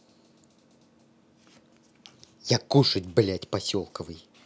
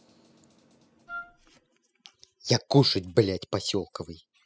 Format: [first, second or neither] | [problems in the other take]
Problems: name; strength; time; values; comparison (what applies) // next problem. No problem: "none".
first | noise reduction (classical method spectral subtraction)